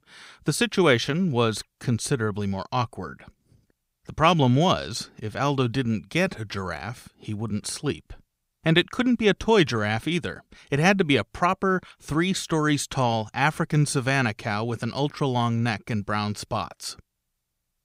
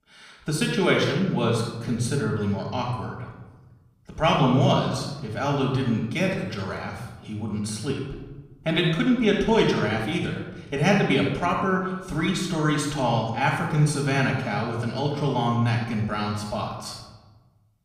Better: first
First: none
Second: off-mic speech; far // room echo; noticeable; dies away in 0.9 s

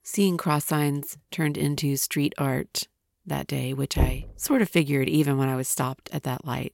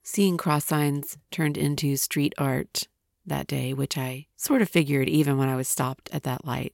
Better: second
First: door banging; noticeable; at 4 s; peak 2 dB below the speech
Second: none

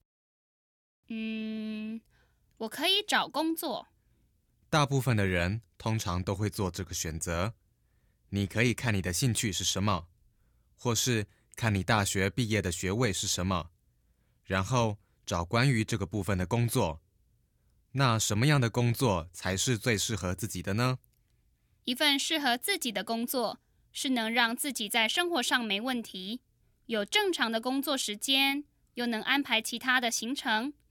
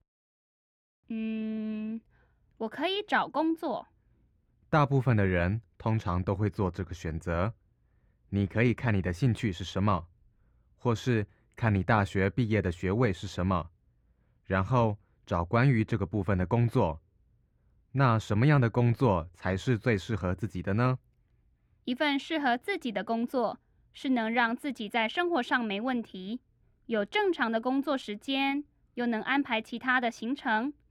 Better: first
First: none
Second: muffled; very; fading above 3.5 kHz

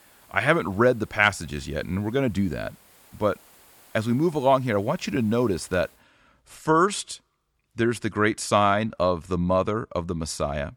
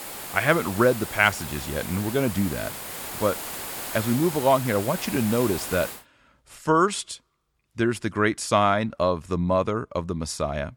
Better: first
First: hiss; faint; until 6 s; 30 dB below the speech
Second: hiss; loud; until 6 s; 8 dB below the speech

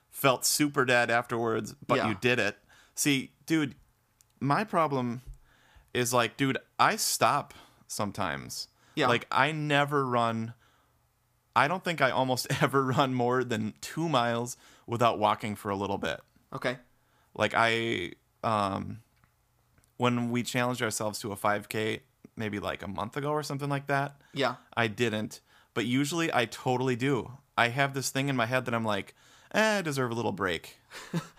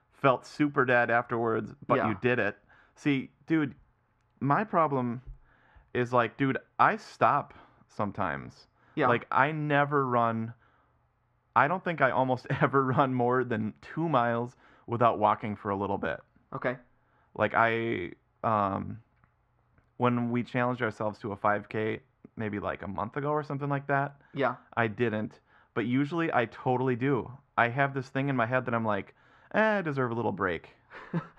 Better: first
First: none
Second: muffled; very; fading above 1.5 kHz

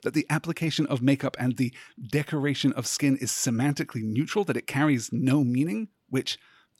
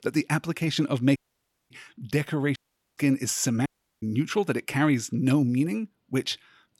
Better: first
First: none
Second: audio cutting out; at 1 s for 0.5 s, at 2.5 s and at 3.5 s

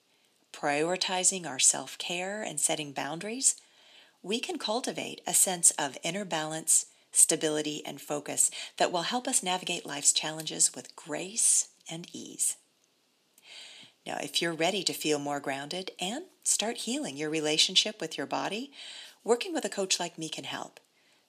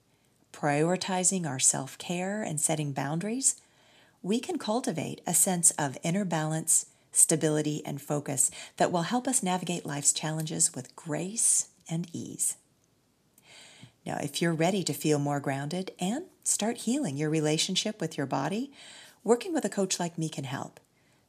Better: second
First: thin; very slightly; fading below 300 Hz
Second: none

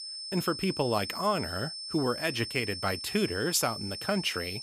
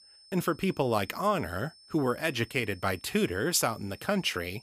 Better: second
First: high-pitched whine; loud; throughout; 5.5 kHz, 6 dB below the speech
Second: high-pitched whine; faint; throughout; 5.5 kHz, 25 dB below the speech

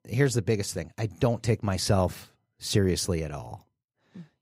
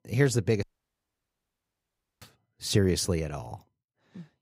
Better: first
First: none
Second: audio cutting out; at 0.5 s for 1.5 s

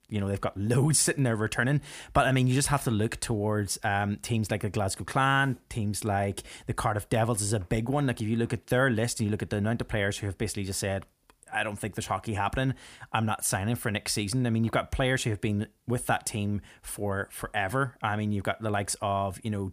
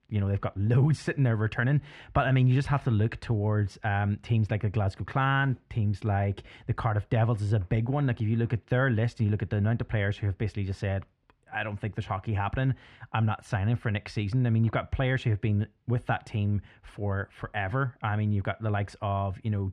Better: first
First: none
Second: muffled; slightly; fading above 2.5 kHz

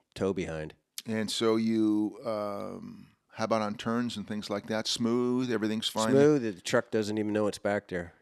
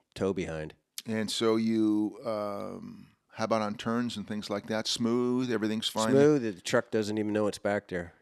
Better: neither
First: none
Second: none

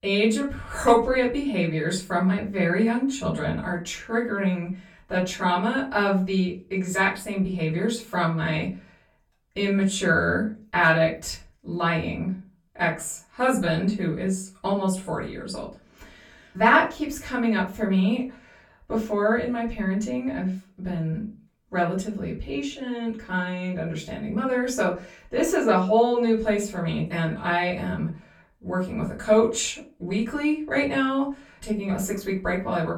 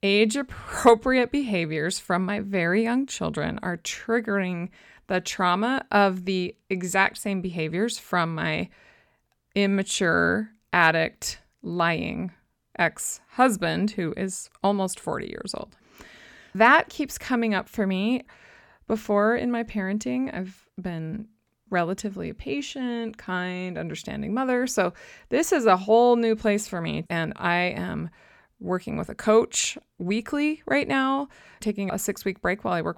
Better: second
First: off-mic speech; far // room echo; slight; dies away in 0.3 s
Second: none

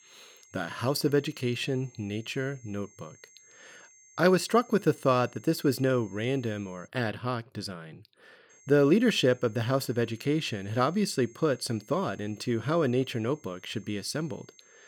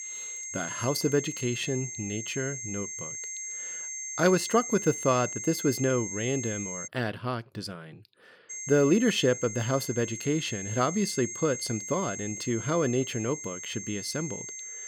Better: first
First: high-pitched whine; faint; until 7 s and from 8.5 s on; 6.5 kHz, 25 dB below the speech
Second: high-pitched whine; loud; until 7 s and from 8.5 s on; 6.5 kHz, 6 dB below the speech

